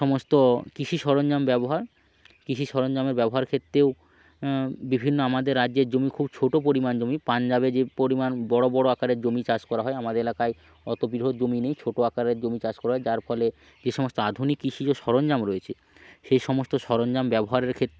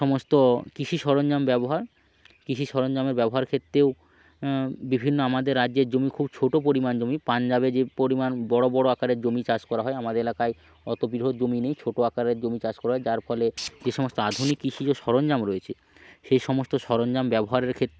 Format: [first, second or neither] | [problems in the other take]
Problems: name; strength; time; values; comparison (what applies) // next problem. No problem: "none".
first | background sound (Tools); 15 dB below the speech